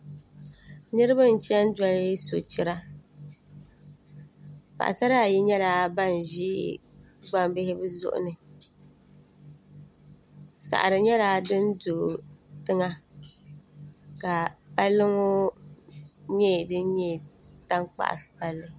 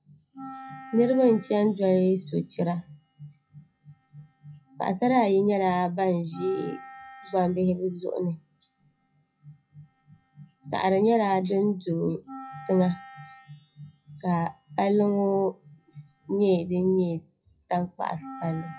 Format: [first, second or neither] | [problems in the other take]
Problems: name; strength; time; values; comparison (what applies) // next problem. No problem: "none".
first | noise reduction (classical method WPE with log-MMSE)